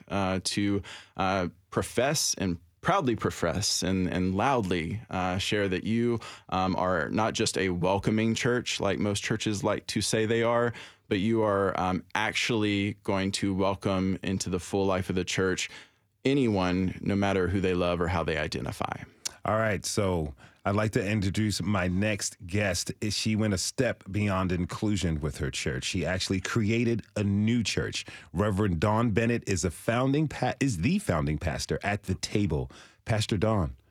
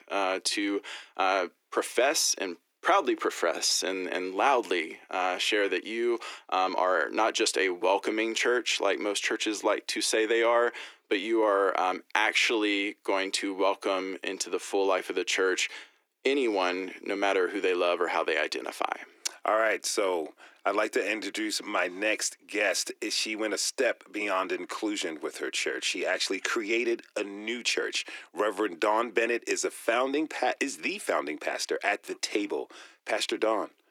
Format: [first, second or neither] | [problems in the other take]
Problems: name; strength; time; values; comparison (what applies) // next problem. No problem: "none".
first | thin; very; fading below 300 Hz